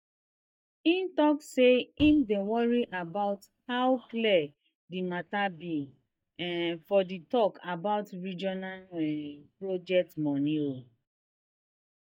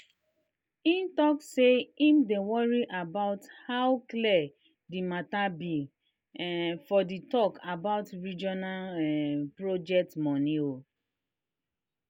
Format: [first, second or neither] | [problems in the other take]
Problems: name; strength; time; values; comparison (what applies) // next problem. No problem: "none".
second | noise reduction (neural mask model DeepFilterNet 3)